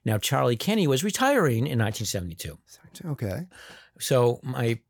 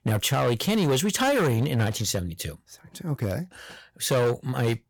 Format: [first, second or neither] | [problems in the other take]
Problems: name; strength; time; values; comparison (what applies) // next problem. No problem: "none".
first | distortion; slight; 10% of the sound clipped